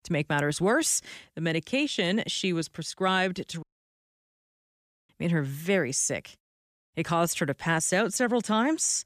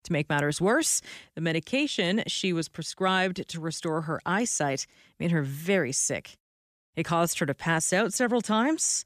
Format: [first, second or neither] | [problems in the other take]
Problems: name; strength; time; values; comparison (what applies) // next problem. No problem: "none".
second | audio cutting out; at 3.5 s for 1.5 s